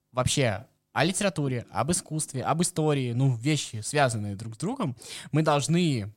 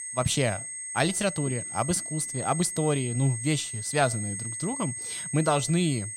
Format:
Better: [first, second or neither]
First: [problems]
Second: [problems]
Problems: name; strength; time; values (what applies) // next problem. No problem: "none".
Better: first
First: none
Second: high-pitched whine; loud; throughout; 8.5 kHz, 5 dB below the speech